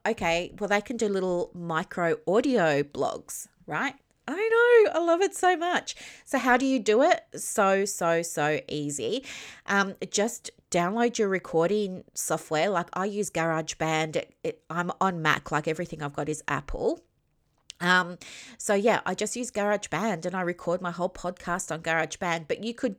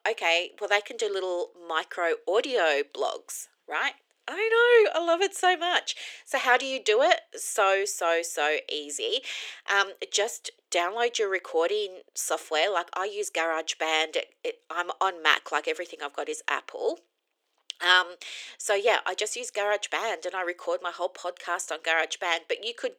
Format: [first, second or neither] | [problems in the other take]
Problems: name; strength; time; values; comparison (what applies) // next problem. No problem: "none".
first | thin; very; fading below 350 Hz